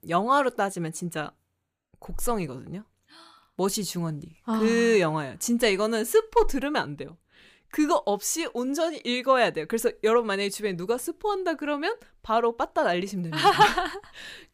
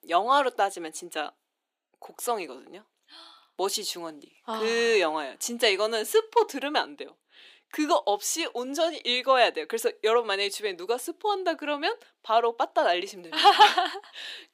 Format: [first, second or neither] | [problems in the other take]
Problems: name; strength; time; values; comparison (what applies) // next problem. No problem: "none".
first | thin; somewhat; fading below 300 Hz